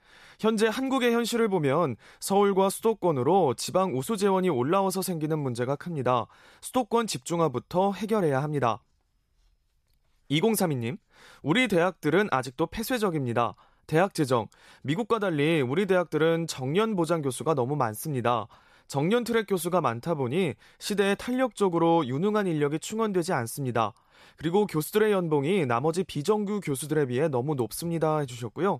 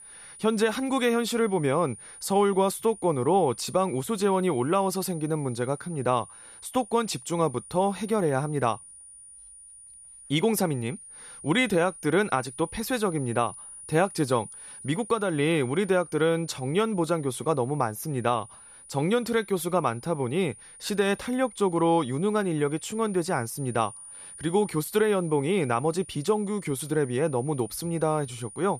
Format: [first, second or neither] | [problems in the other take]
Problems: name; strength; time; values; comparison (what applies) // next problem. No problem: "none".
first | high-pitched whine; noticeable; throughout; 9.5 kHz, 15 dB below the speech